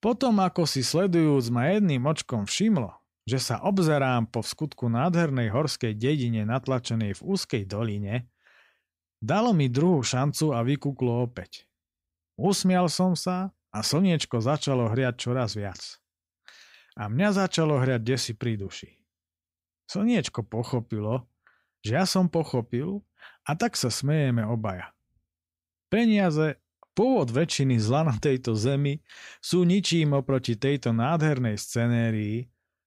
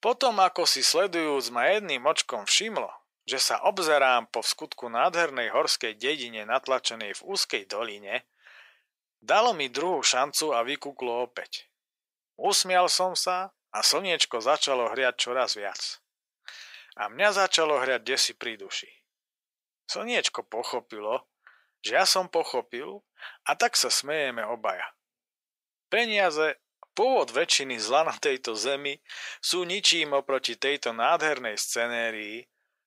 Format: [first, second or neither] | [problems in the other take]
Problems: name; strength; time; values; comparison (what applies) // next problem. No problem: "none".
first | thin; very; fading below 550 Hz